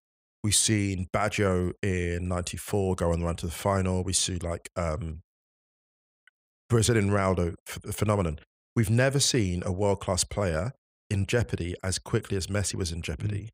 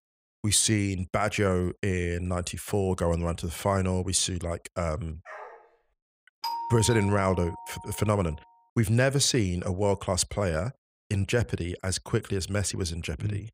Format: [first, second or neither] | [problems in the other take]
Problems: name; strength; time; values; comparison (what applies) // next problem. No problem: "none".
first | dog barking; faint; at 5.5 s; peak 15 dB below the speech // doorbell; noticeable; from 6.5 to 8 s; peak 5 dB below the speech